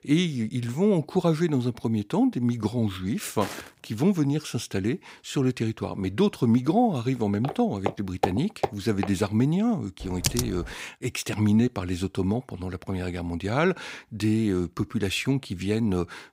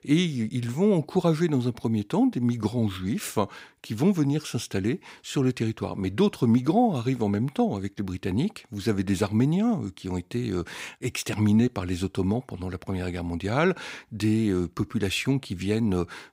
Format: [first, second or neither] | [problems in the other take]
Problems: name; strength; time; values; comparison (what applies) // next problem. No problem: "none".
second | footsteps; faint; at 3.5 s; peak 10 dB below the speech // footsteps; noticeable; from 7.5 to 9 s; peak 4 dB below the speech // keyboard typing; noticeable; at 10 s; peak 1 dB below the speech